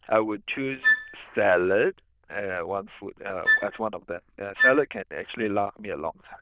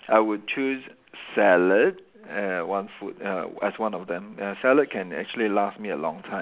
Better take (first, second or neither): second